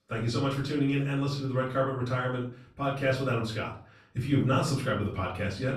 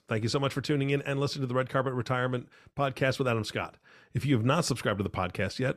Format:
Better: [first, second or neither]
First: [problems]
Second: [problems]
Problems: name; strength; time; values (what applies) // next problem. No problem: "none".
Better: second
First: off-mic speech; far // room echo; slight; dies away in 0.4 s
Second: none